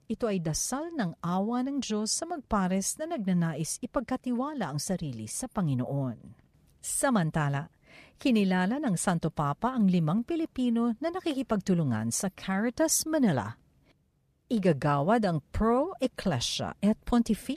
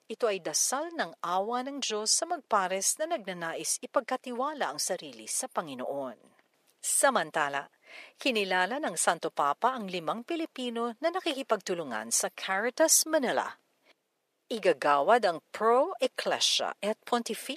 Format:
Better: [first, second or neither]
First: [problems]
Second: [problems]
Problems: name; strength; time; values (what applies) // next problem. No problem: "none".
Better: first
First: none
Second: thin; very; fading below 400 Hz